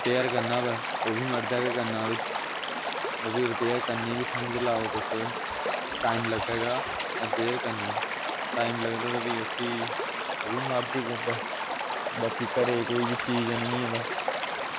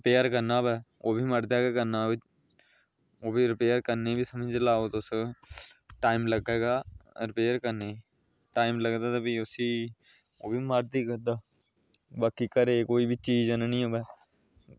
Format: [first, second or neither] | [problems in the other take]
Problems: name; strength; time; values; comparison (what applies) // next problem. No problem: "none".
second | background sound (Stream / Liquid); as loud as the speech